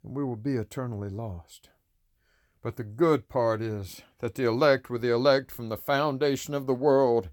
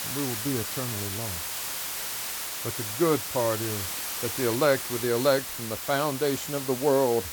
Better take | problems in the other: first | hiss; loud; throughout; 3 dB below the speech

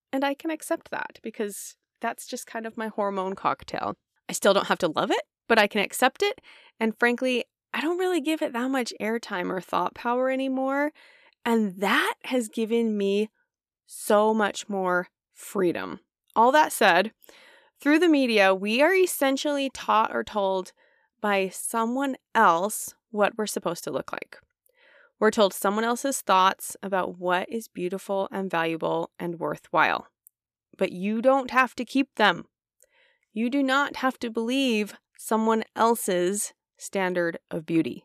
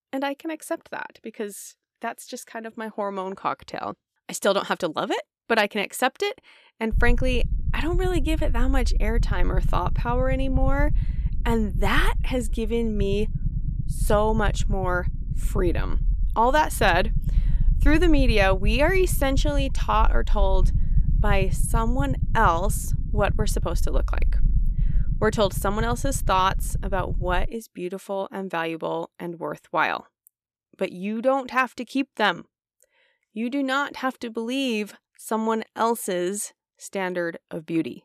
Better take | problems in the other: first | low rumble; noticeable; from 7 to 27 s; 20 dB below the speech

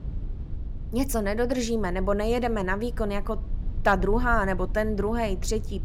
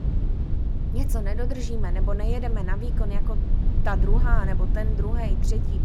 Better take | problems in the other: first | low rumble; loud; throughout; 6 dB below the speech; faint in the first

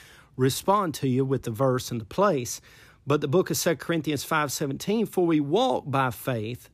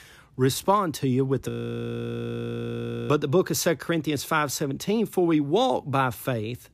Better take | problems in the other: first | audio freezing; at 1.5 s for 1.5 s

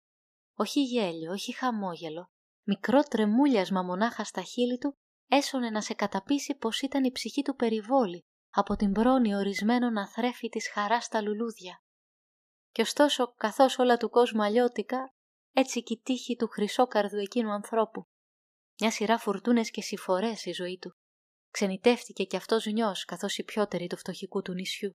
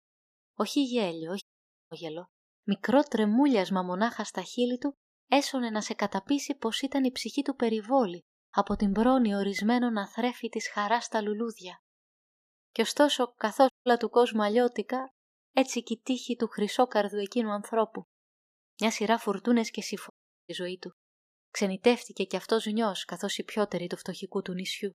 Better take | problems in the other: first | audio cutting out; at 1.5 s, at 14 s and at 20 s

